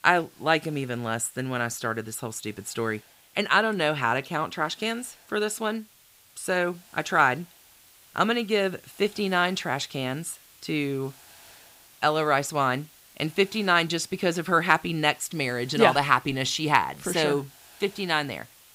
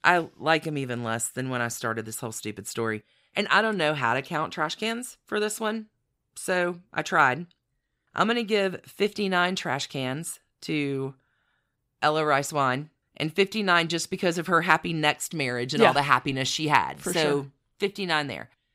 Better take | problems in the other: second | hiss; faint; throughout; 25 dB below the speech

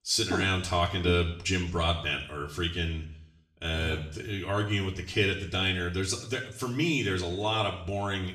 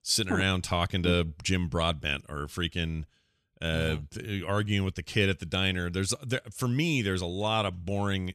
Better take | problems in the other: second | room echo; slight; dies away in 0.6 s // off-mic speech; far

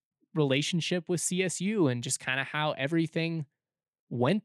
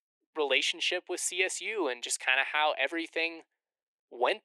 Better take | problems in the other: first | thin; very; fading below 350 Hz

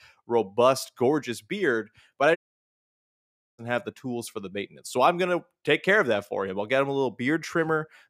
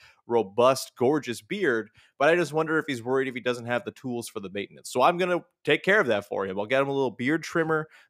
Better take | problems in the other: second | audio cutting out; at 2.5 s for 1 s

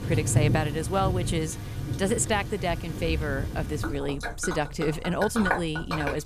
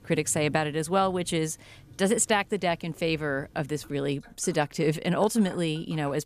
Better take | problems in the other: second | rain or running water; loud; throughout; 2 dB below the speech; faint in the second

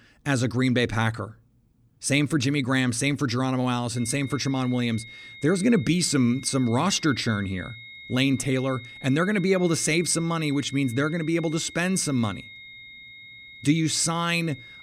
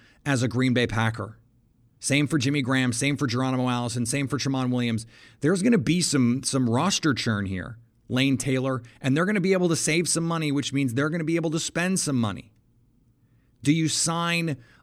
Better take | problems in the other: second | high-pitched whine; noticeable; from 4 s on; 2 kHz, 15 dB below the speech

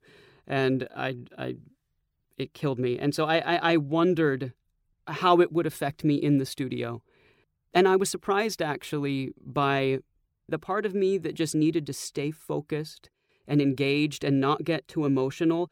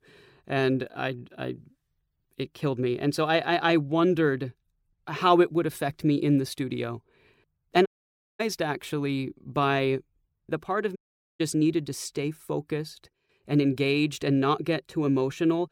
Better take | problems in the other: first | audio cutting out; at 8 s for 0.5 s and at 11 s

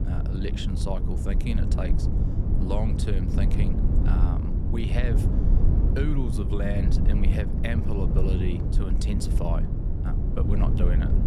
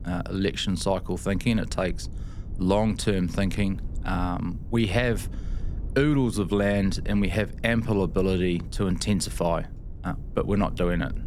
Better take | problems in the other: second | low rumble; loud; throughout; 2 dB below the speech; faint in the second

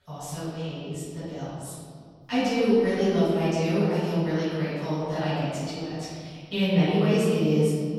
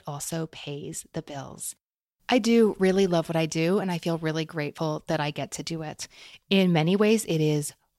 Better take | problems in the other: second | off-mic speech; far // room echo; strong; dies away in 2.1 s

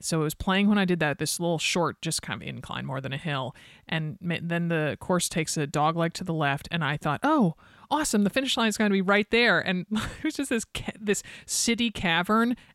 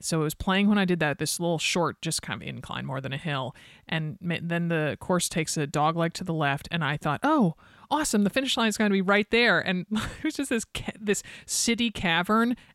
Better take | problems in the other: neither | none

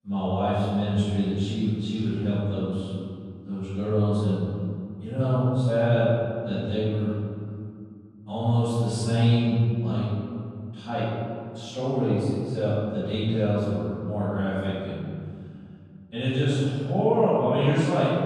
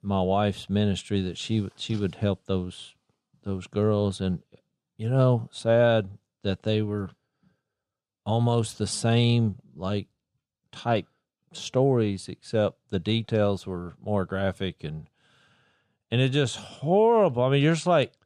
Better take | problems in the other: second | off-mic speech; far // room echo; strong; dies away in 2.5 s

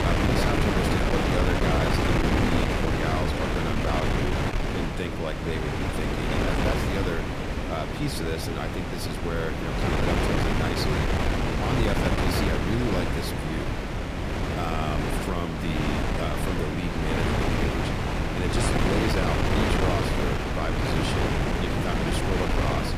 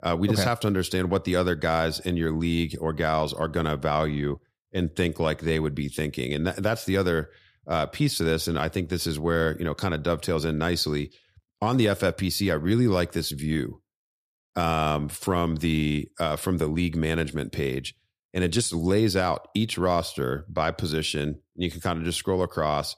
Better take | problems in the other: second | wind noise on the microphone; heavy; 5 dB above the speech

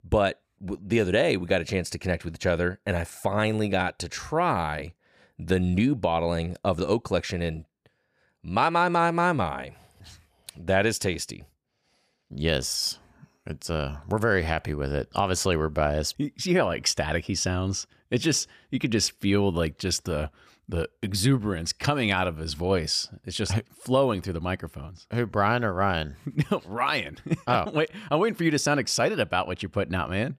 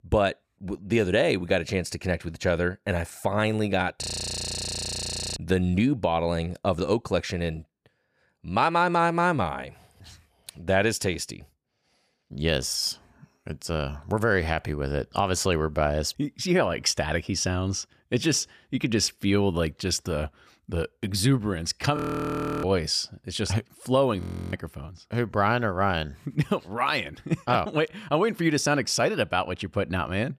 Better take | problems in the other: first | audio freezing; at 4 s for 1.5 s, at 22 s for 0.5 s and at 24 s

